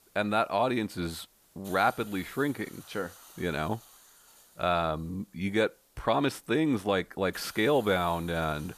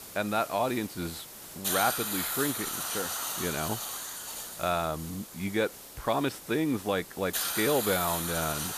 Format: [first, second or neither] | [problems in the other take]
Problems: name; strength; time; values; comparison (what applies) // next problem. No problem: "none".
first | hiss; loud; throughout; 2 dB below the speech; faint in the first